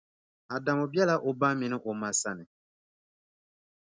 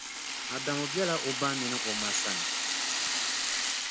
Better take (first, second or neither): first